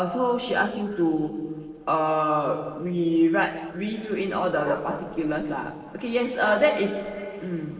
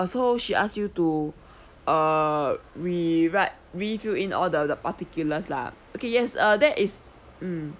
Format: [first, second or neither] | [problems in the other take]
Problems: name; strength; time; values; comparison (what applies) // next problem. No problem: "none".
second | noise reduction (neural separator model SepFormer DNS4)